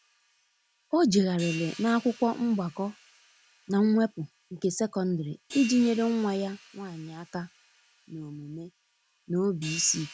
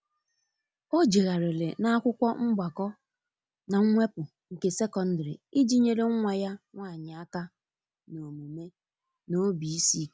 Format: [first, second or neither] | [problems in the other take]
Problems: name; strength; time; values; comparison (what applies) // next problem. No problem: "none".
second | background sound (Hi-hat); 18 dB below the speech